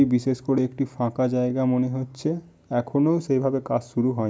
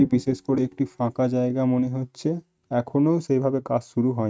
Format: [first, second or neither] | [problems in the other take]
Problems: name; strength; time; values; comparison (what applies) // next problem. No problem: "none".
first | noise reduction (neural mask model RNNoise)